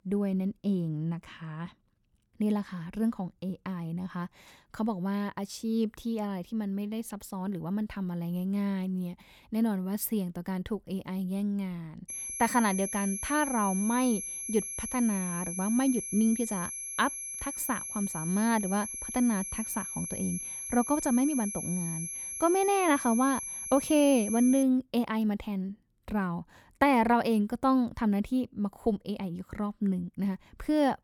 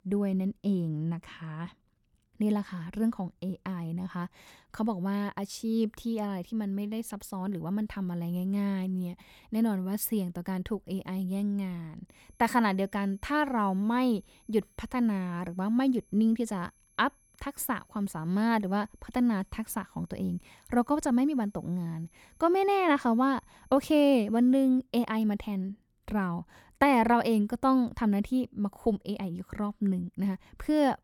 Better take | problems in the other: second | high-pitched whine; loud; from 12 to 25 s; 11 kHz, 5 dB below the speech; faint in the second

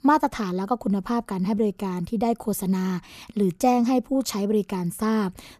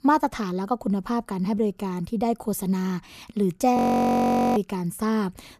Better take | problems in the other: first | audio freezing; at 4 s for 1 s

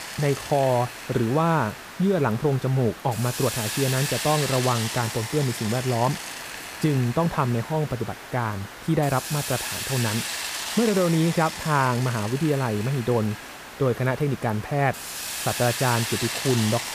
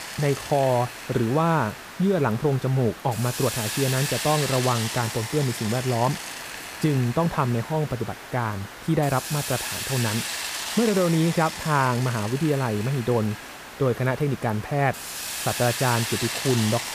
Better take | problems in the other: neither | hiss; loud; throughout; 6 dB below the speech; the same in both

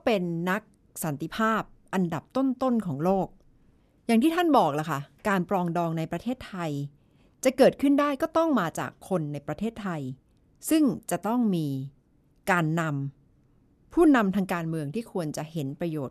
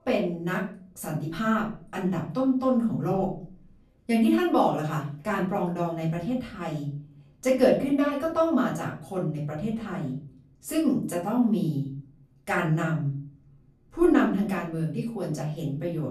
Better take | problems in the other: first | off-mic speech; far // room echo; slight; dies away in 0.5 s

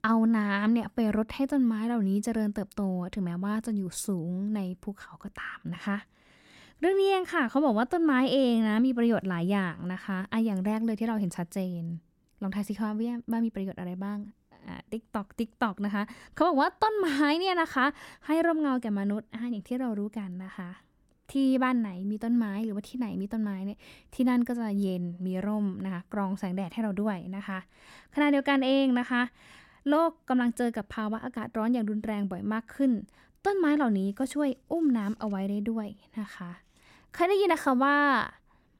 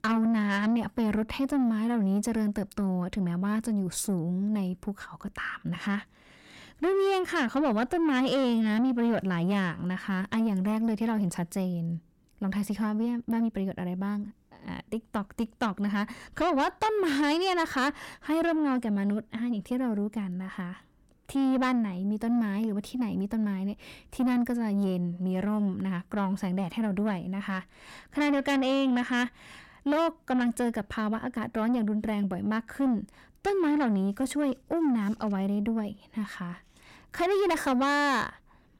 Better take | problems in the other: first | distortion; slight; 10 dB below the speech

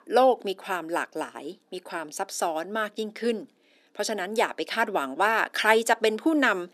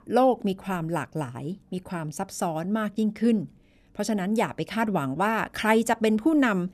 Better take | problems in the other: second | thin; somewhat; fading below 300 Hz

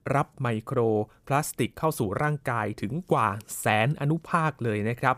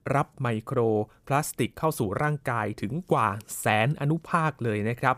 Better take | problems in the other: neither | none

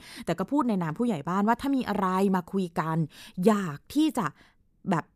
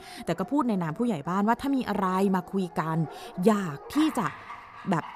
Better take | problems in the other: first | animal sounds; noticeable; throughout; 15 dB below the speech

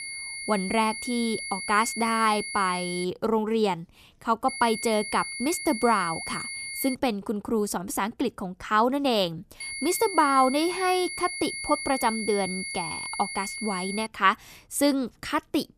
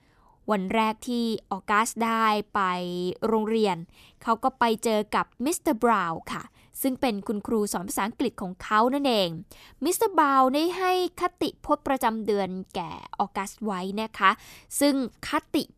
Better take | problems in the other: second | high-pitched whine; loud; until 3 s, from 4.5 to 7 s and from 9.5 to 14 s; 2 kHz, 7 dB below the speech

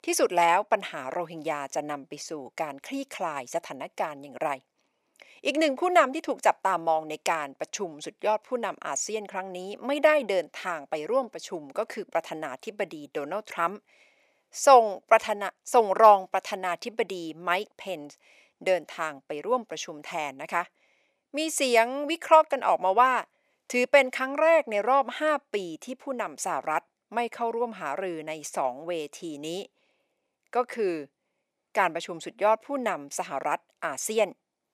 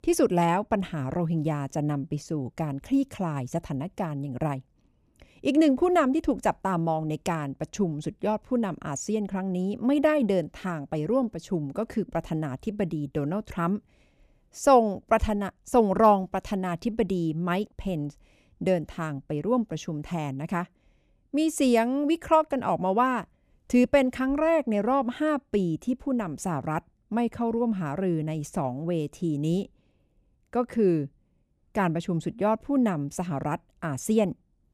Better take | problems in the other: second | thin; very; fading below 650 Hz

